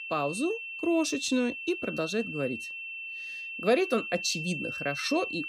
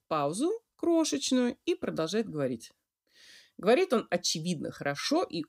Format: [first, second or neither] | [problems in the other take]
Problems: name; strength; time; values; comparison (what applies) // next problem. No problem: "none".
second | high-pitched whine; loud; throughout; 2.5 kHz, 6 dB below the speech